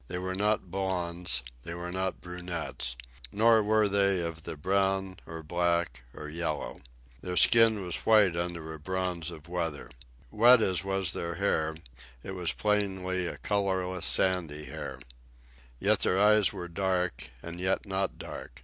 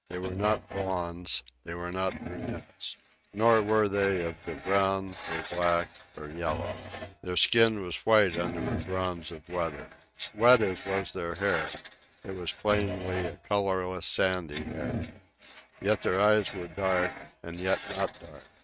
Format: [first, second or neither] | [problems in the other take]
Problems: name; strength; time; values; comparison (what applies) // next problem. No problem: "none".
first | noise reduction (neural mask model RNNoise)